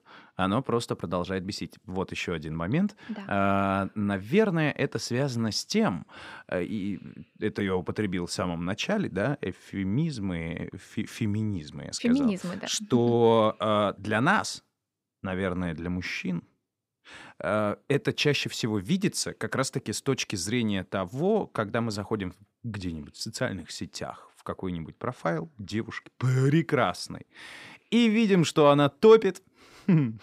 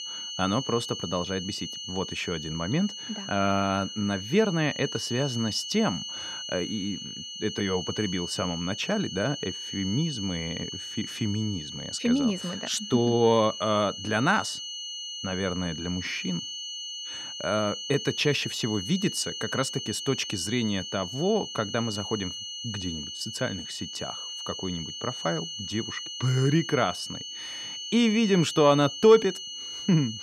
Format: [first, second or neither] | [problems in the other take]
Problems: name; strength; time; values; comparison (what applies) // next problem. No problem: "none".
first | high-pitched whine; loud; throughout; 3 kHz, 7 dB below the speech